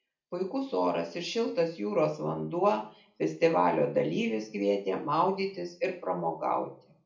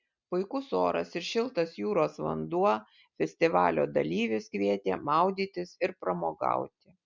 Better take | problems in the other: second | room echo; dies away in 0.4 s

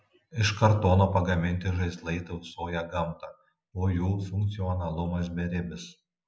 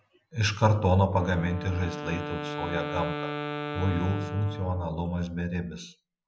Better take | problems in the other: first | background sound (Wind instrument, woodwind instrument); 9 dB below the speech

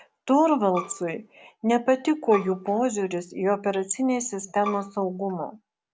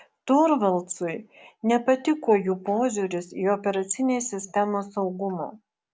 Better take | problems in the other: second | background sound (Bowed string instrument); 13 dB below the speech

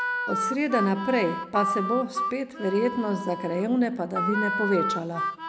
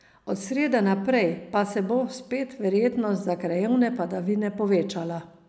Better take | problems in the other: second | background sound (Harmonica); 4 dB below the speech

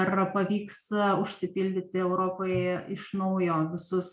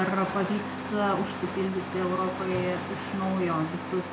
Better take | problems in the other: first | background sound (Engine starting); 6 dB below the speech

